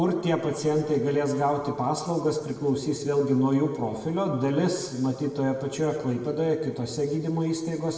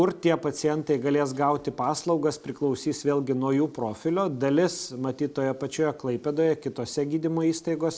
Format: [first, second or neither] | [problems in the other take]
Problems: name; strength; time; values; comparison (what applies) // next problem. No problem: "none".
second | room echo; dies away in 1.3 s